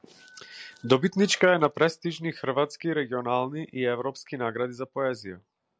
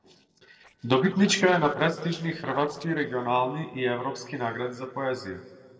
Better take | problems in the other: first | noise reduction (neural separator model SepFormer DNS4)

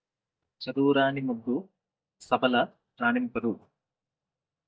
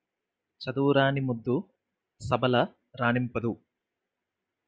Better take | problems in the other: second | noise reduction (neural mask model DeepFilterNet 3)

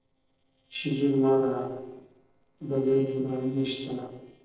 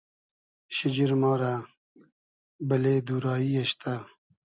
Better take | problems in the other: second | noise reduction (neural separator model SepFormer DNS4)

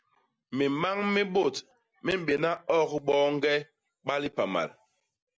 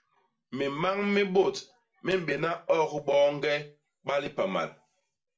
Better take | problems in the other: first | room echo; dies away in 0.3 s

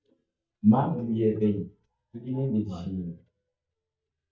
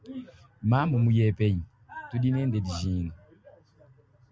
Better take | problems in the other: second | noise reduction (neural mask model DeepFilterNet 3)

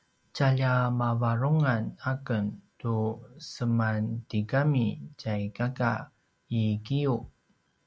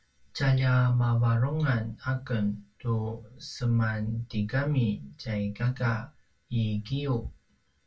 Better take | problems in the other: first | room echo; dies away in 0.2 s

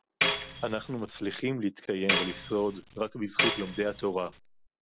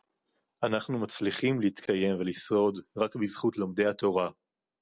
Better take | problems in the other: second | background sound (Tambourine); 1 dB below the speech

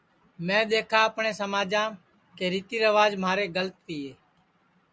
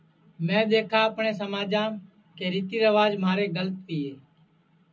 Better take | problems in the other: first | room echo; dies away in 0.4 s

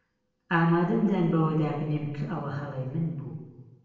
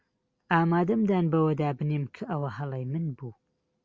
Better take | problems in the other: second | room echo; dies away in 1.2 s

